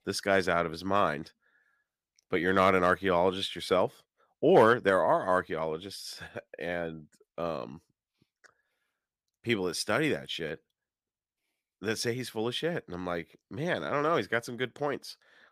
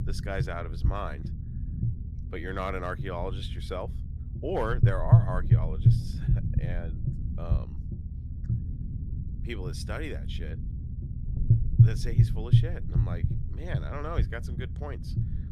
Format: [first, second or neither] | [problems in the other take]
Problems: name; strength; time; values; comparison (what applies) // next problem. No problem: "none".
first | low rumble; loud; throughout; 4 dB below the speech